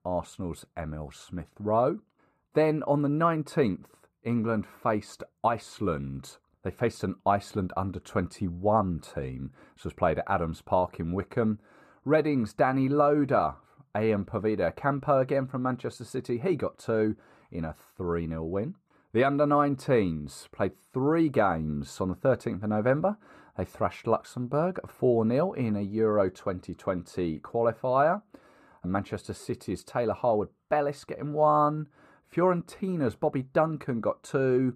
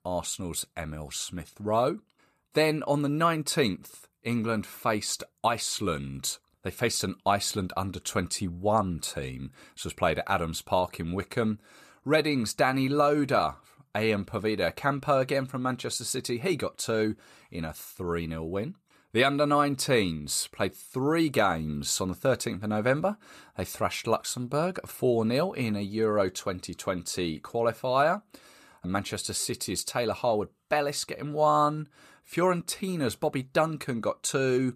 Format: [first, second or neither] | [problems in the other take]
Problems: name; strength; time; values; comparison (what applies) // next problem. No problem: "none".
second | muffled; very; fading above 2.5 kHz